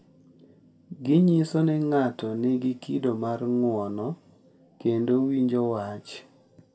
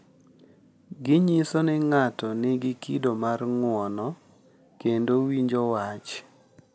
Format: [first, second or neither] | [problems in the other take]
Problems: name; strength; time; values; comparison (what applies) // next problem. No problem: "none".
second | room echo; dies away in 0.2 s